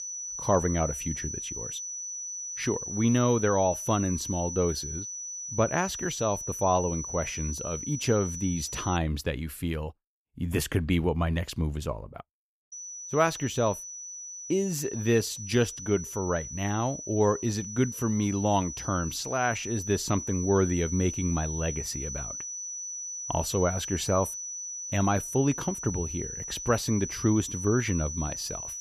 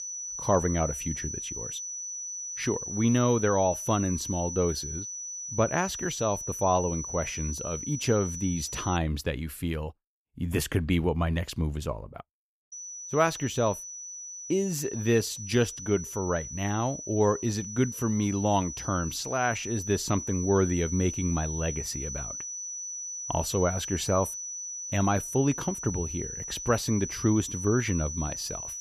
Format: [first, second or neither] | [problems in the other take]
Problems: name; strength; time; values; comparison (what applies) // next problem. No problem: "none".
neither | high-pitched whine; loud; until 9 s and from 13 s on; 6 kHz, 6 dB below the speech; the same in both